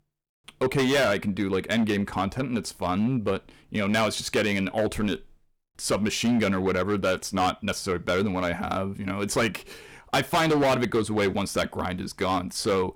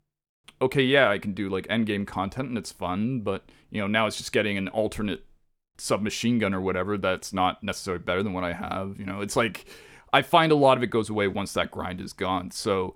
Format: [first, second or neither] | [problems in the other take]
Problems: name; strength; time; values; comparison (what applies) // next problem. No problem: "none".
second | distortion; heavy; 9% of the sound clipped